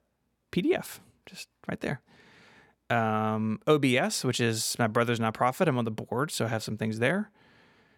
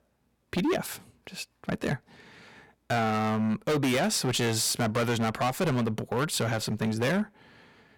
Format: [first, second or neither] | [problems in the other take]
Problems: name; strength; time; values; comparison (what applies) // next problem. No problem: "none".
first | distortion; heavy; 14% of the sound clipped